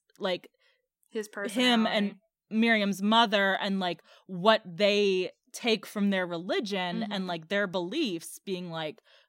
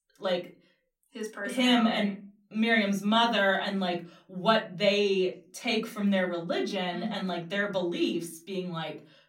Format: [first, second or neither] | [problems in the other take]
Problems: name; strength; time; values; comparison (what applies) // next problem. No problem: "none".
first | off-mic speech; far // room echo; very slight; dies away in 0.3 s